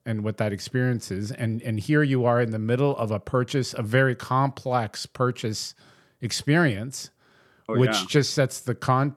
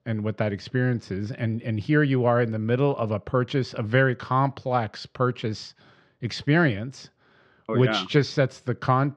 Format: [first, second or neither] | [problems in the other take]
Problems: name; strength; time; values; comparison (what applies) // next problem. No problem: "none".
first | muffled; very slightly; fading above 4 kHz